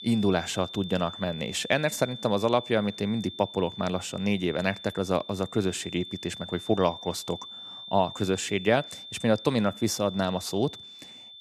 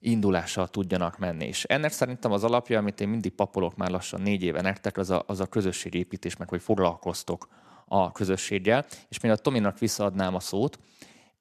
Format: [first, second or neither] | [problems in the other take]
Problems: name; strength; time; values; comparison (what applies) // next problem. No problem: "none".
second | high-pitched whine; noticeable; throughout; 3.5 kHz, 10 dB below the speech